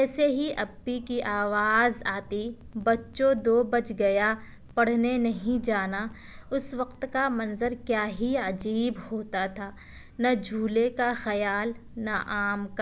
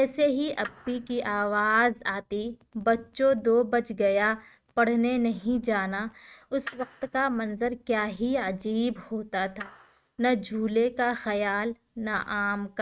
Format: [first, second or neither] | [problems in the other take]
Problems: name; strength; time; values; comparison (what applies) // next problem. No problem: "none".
first | noise reduction (neural mask model RNNoise)